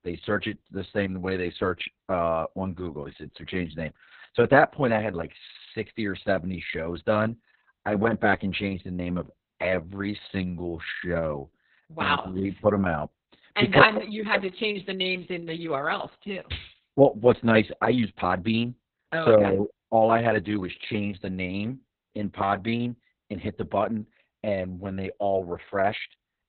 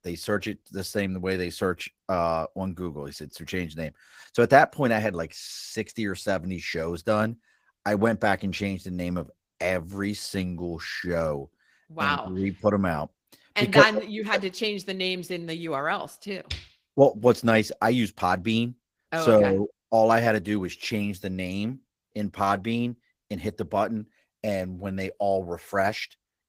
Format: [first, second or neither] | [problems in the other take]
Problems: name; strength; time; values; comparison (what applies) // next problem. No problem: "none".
second | garbled, watery; badly; nothing above 4 kHz; slightly in the second